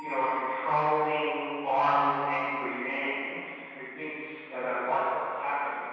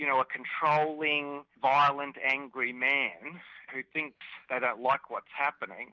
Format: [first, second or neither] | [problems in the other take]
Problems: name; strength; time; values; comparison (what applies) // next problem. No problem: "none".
second | background sound (Bell); 17 dB below the speech // room echo; dies away in 2.2 s